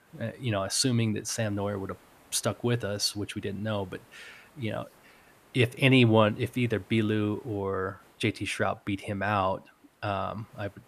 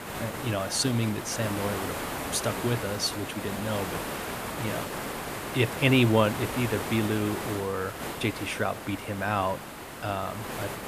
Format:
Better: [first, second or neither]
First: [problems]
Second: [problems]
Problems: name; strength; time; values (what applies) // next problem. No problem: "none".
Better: first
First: hiss; faint; throughout; 30 dB below the speech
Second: hiss; loud; throughout; 6 dB below the speech